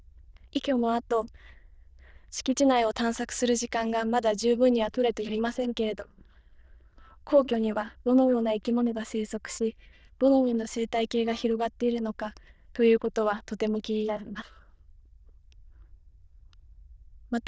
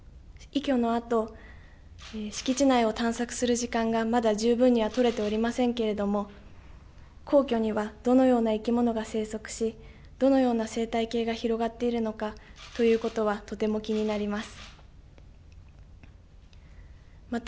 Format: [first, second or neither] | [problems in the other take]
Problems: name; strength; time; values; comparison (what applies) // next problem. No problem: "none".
second | noise reduction (neural diffusion model UNIVERSE++)